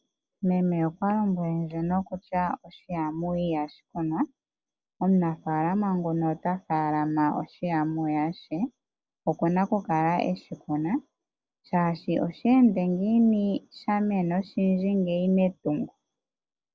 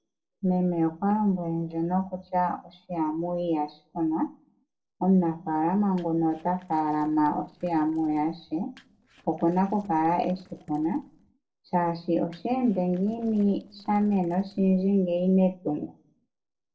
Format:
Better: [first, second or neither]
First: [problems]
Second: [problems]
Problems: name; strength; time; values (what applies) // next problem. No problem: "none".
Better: first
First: none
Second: noise reduction (neural separator model SepFormer DNS4)